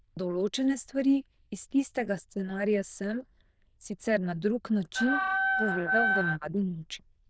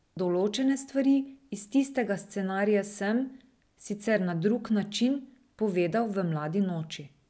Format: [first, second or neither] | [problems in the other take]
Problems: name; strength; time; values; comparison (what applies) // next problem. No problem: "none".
second | noise reduction (neural diffusion model UNIVERSE++)